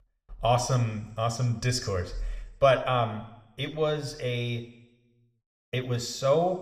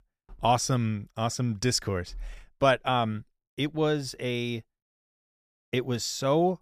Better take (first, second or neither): second